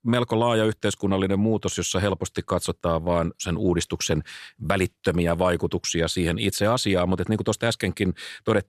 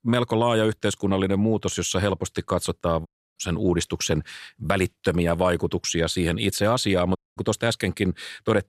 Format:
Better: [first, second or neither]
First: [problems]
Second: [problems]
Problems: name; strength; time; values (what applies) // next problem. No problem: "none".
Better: first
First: none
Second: audio cutting out; at 3 s and at 7 s